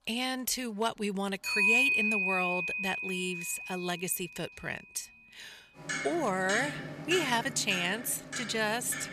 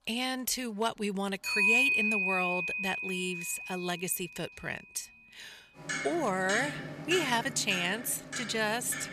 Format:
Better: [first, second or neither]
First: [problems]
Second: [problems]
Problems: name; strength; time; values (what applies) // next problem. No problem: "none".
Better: neither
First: household noises; very loud; throughout; 1 dB above the speech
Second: household noises; very loud; throughout; 1 dB above the speech